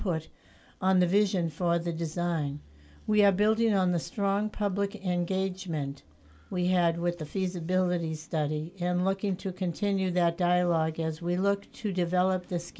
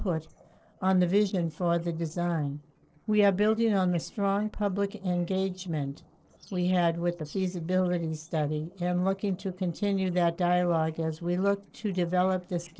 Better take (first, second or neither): first